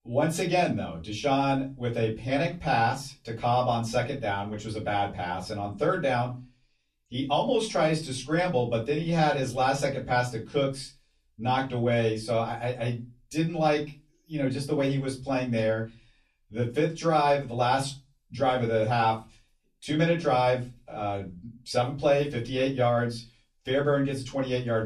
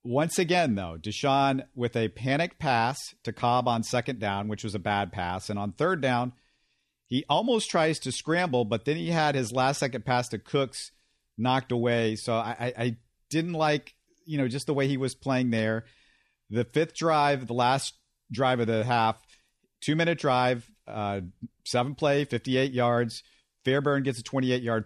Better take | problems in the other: second | off-mic speech; far // room echo; very slight; dies away in 0.3 s

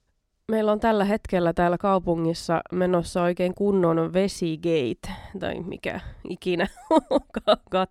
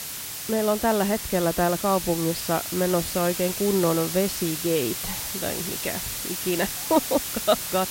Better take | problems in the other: first | hiss; loud; throughout; 4 dB below the speech

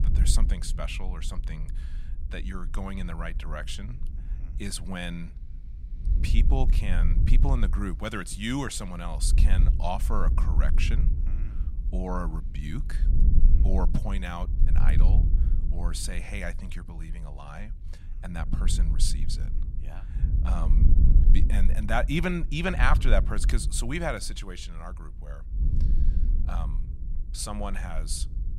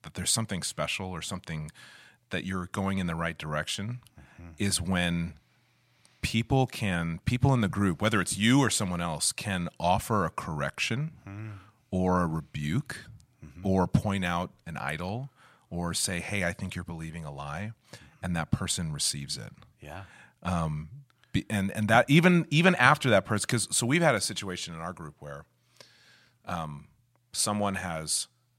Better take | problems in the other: second | wind noise on the microphone; occasional gusts; 10 dB below the speech

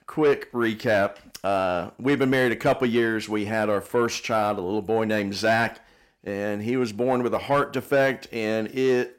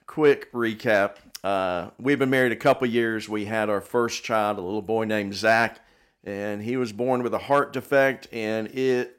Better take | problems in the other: second | distortion; slight; 10 dB below the speech

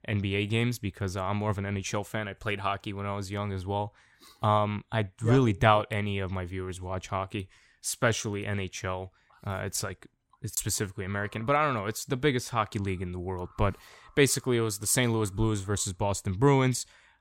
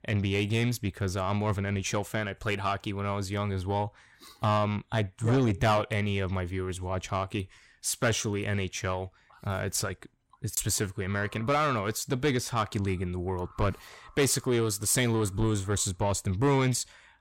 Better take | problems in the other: first | distortion; slight; 10 dB below the speech

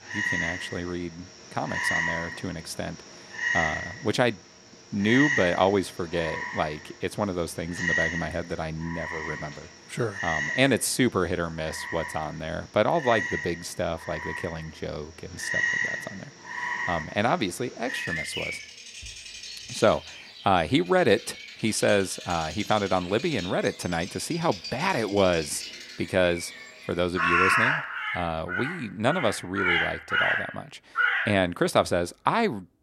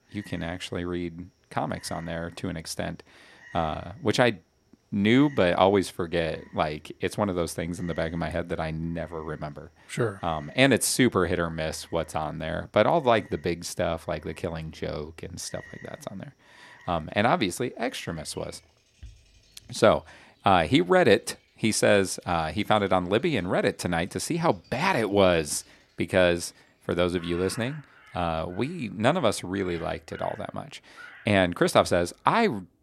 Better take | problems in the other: second | animal sounds; loud; throughout; 2 dB below the speech; faint in the second

